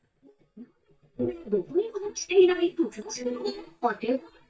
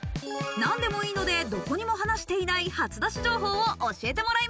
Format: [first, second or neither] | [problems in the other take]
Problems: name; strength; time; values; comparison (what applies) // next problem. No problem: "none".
second | noise reduction (neural mask model DeepFilterNet 3)